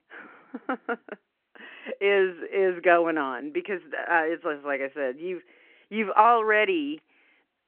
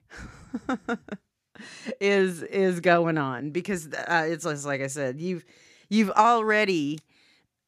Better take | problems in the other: second | phone-call audio

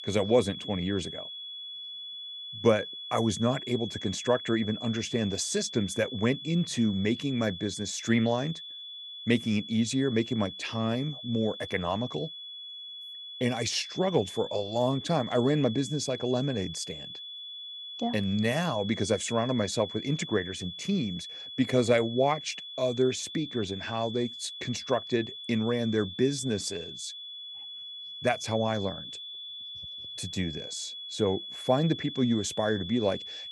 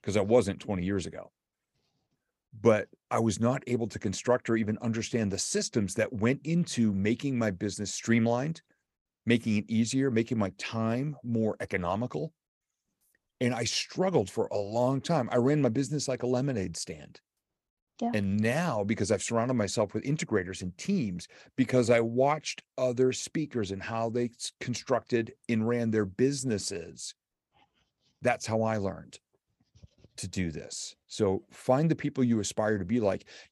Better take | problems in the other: second | high-pitched whine; loud; throughout; 3.5 kHz, 9 dB below the speech

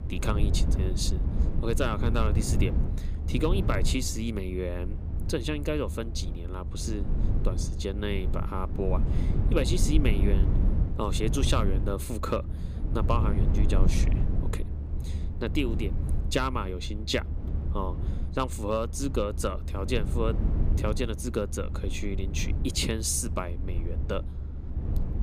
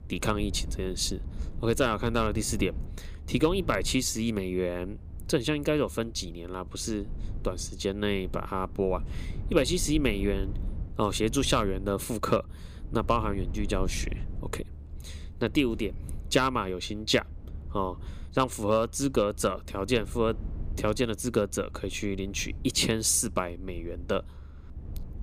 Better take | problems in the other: second | low rumble; loud; throughout; 10 dB below the speech; faint in the second

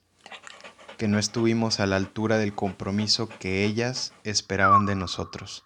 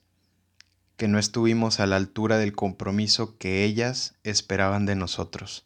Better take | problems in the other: second | animal sounds; very loud; throughout; 4 dB above the speech

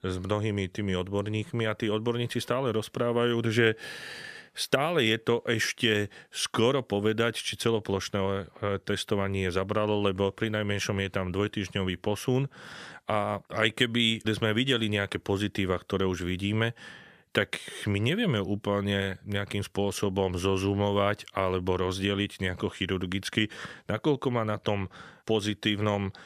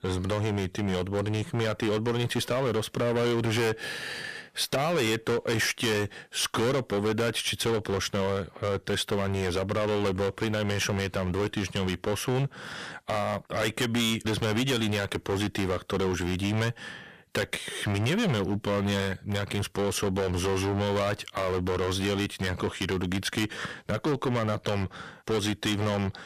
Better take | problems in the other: first | distortion; heavy; 18% of the sound clipped

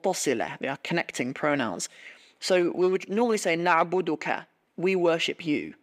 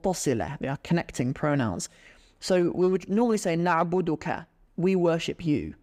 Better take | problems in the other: second | thin; very slightly; fading below 300 Hz

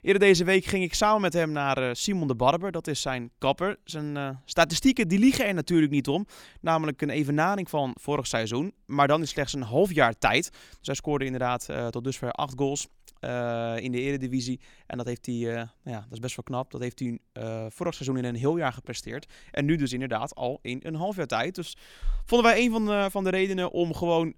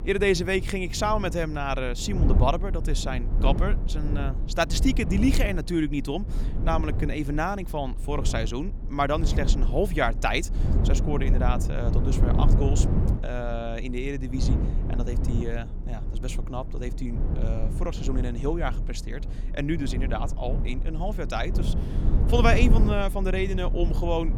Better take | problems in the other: first | low rumble; noticeable; throughout; 10 dB below the speech

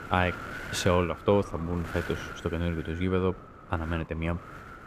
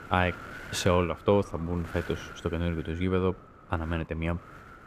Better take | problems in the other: second | wind noise on the microphone; heavy; 9 dB below the speech; occasional gusts in the second

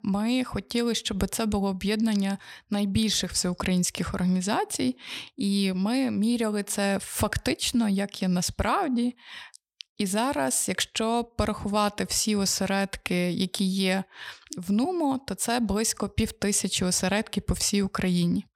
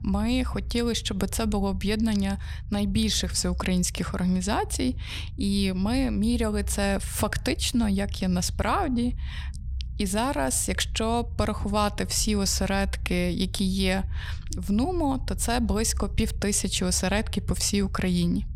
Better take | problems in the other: first | low rumble; faint; throughout; 25 dB below the speech

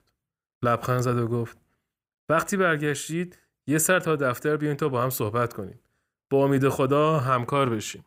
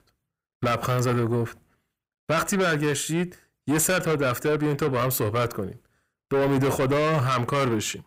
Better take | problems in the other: first | distortion; heavy; 7 dB below the speech

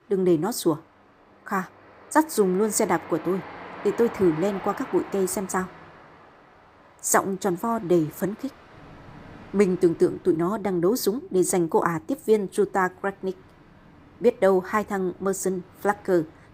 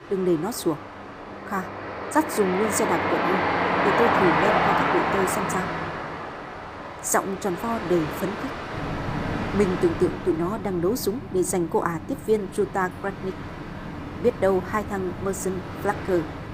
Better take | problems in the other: first | train or aircraft noise; loud; throughout; 2 dB below the speech; faint in the first

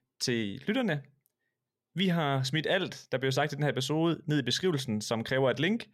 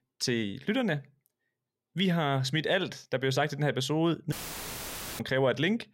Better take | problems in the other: first | audio cutting out; filled with static; at 4.5 s for 1 s

